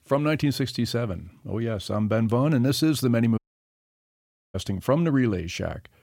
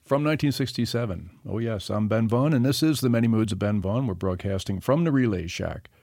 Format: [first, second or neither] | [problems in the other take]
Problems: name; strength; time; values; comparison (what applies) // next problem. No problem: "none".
second | audio cutting out; at 3.5 s for 1 s